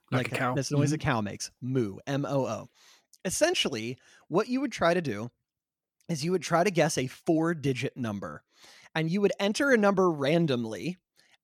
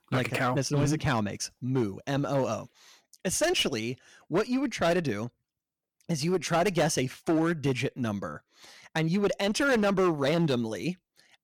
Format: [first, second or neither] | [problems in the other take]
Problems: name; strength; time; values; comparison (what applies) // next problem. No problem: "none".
first | distortion; slight; 8% of the sound clipped